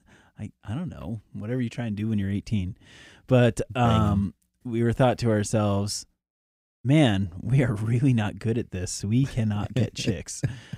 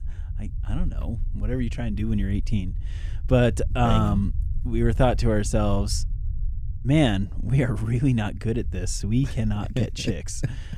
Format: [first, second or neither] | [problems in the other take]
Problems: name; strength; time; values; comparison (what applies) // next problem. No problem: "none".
first | low rumble; faint; throughout; 25 dB below the speech